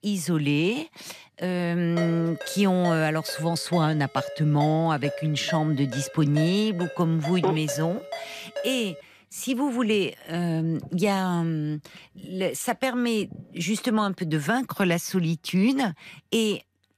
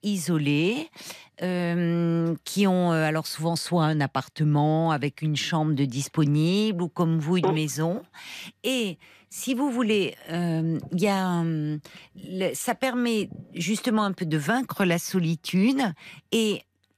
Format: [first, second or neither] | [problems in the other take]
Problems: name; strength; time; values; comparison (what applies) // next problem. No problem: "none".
second | phone ringing; noticeable; from 2 to 9 s; peak 8 dB below the speech